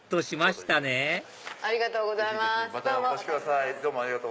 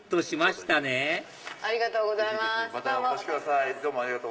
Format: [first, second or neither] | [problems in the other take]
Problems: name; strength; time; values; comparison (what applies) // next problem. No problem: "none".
first | room echo; dies away in 0.6 s